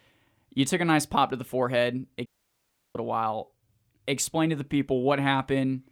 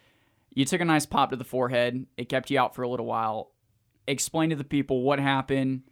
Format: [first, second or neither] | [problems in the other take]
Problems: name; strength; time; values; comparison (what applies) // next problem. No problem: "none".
second | audio cutting out; at 2.5 s for 0.5 s